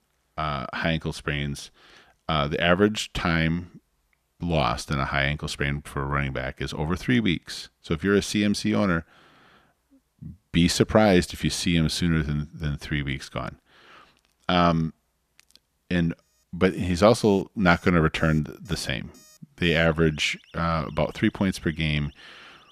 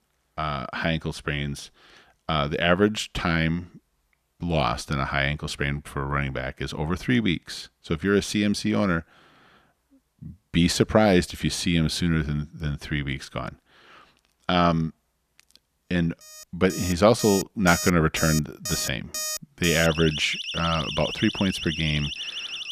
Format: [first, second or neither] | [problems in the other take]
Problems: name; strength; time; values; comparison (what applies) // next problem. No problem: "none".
first | alarms or sirens; loud; from 17 s on; 5 dB below the speech; faint in the first